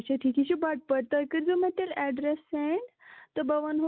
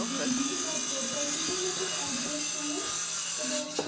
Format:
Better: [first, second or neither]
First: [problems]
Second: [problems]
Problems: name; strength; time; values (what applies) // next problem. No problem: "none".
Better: first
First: none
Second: background sound (Tools); 5 dB above the speech // room echo; dies away in 0.9 s